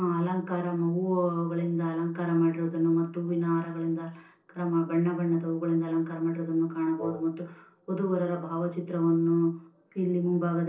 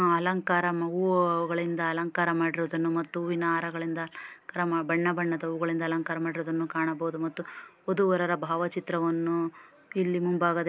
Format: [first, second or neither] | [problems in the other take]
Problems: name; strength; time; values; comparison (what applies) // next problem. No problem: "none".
second | noise reduction (neural separator model SepFormer DNS4)